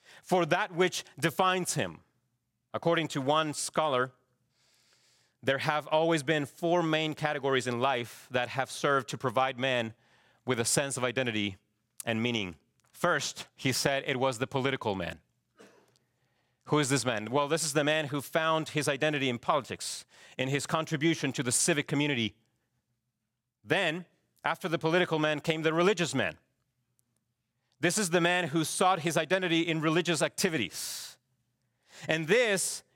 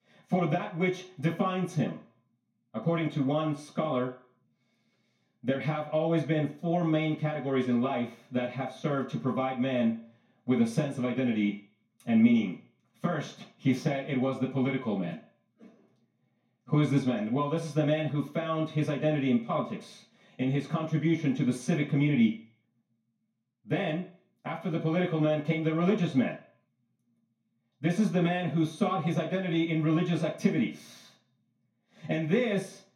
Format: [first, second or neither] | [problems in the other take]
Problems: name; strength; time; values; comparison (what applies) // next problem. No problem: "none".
first | room echo; slight; dies away in 0.4 s // off-mic speech; far